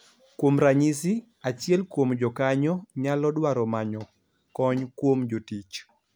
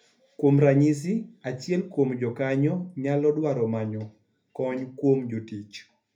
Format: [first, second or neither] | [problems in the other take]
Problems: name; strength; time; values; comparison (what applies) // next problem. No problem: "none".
first | room echo; dies away in 0.3 s